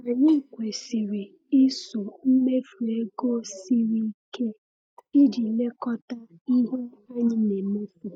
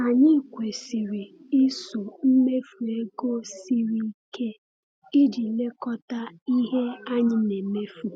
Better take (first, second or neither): second